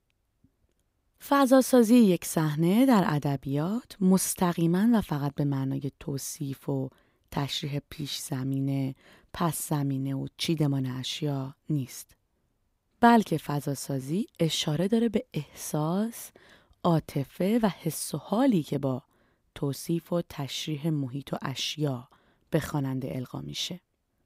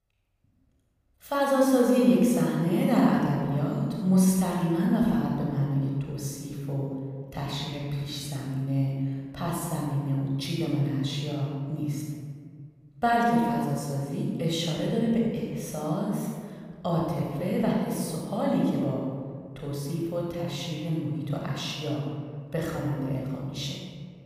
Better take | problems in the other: first | off-mic speech; somewhat distant // room echo; strong; dies away in 1.8 s

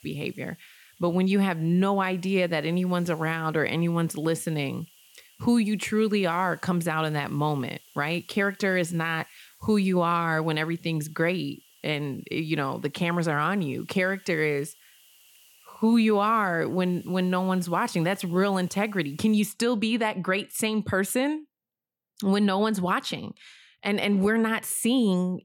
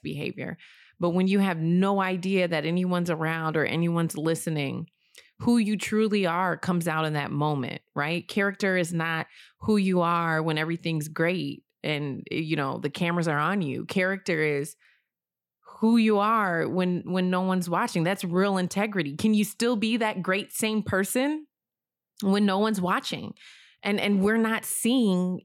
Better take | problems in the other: second | hiss; faint; until 19 s; 30 dB below the speech

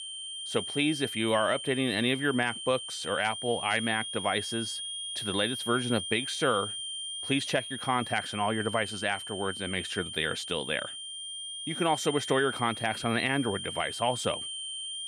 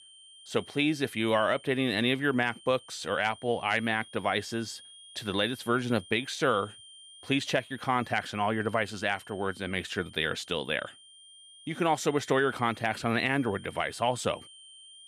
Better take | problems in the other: second | high-pitched whine; loud; throughout; 3 kHz, 6 dB below the speech; faint in the second

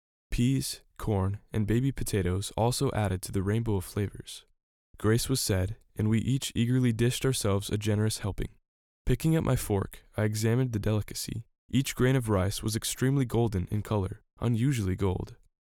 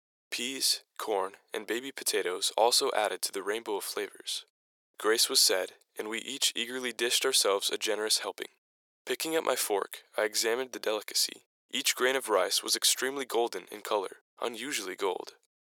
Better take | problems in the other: first | thin; very; fading below 450 Hz

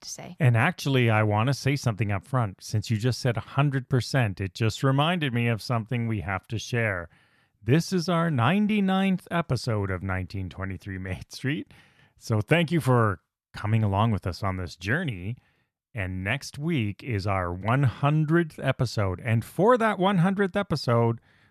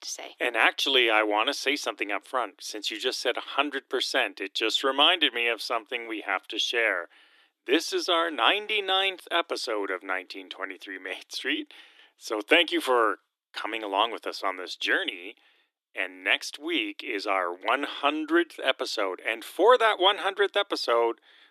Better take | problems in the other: first | thin; very; fading below 300 Hz

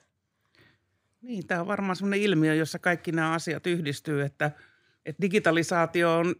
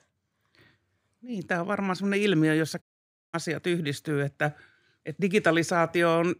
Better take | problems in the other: first | audio cutting out; at 3 s for 0.5 s

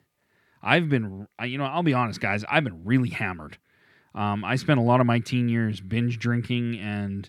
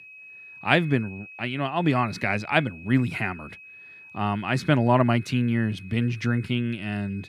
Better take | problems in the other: first | high-pitched whine; noticeable; throughout; 2.5 kHz, 20 dB below the speech

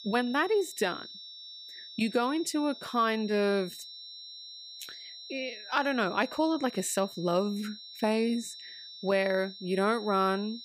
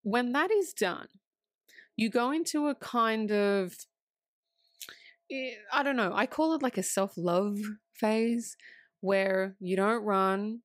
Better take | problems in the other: second | high-pitched whine; noticeable; throughout; 4 kHz, 15 dB below the speech

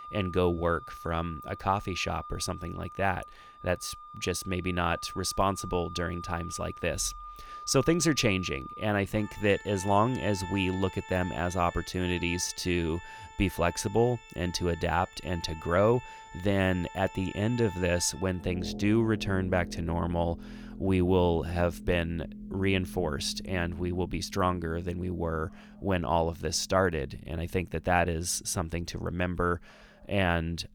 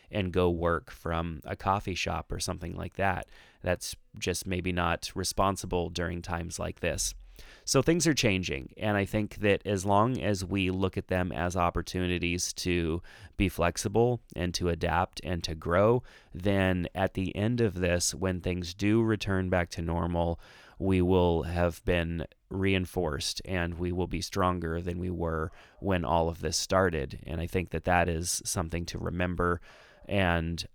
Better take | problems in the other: second | background music; noticeable; throughout; 15 dB below the speech

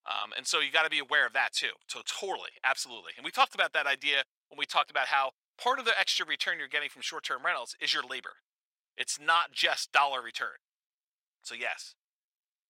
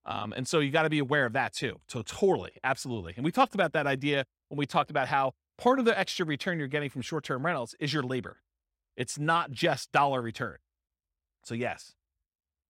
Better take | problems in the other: second | thin; very; fading below 950 Hz

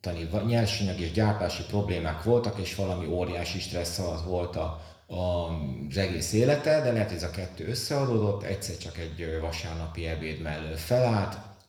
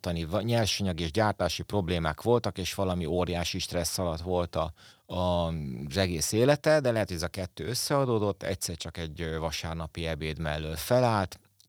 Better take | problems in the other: second | room echo; slight; dies away in 0.8 s

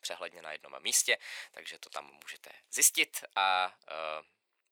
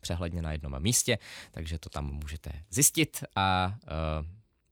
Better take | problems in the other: second | thin; very; fading below 550 Hz

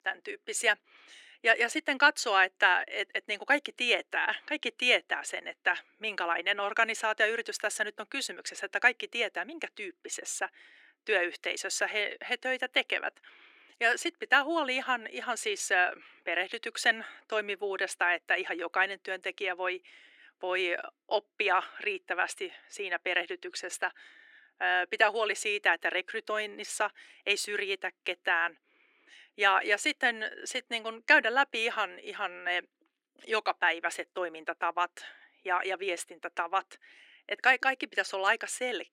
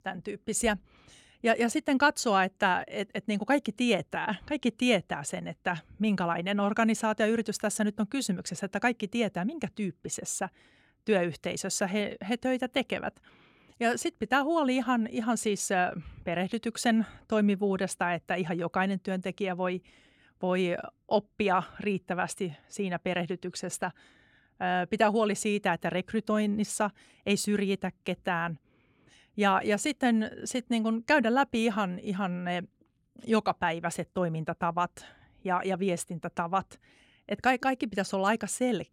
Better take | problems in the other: second | thin; very; fading below 300 Hz

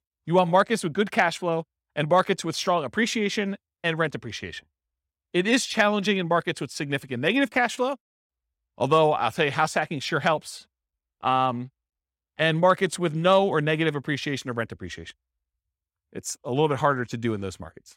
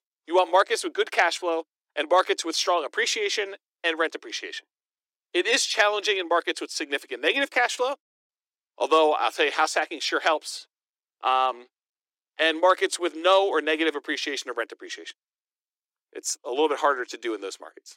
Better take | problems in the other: first | thin; very; fading below 300 Hz

